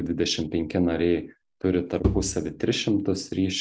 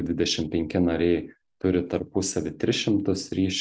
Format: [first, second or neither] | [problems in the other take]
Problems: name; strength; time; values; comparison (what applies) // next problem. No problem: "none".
second | background sound (Bowed string instrument); 5 dB below the speech